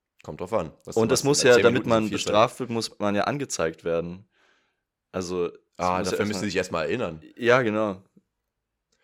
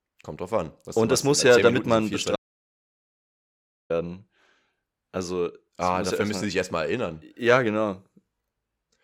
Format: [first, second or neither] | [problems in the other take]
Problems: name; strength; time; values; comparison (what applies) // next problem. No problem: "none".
first | audio cutting out; at 2.5 s for 1.5 s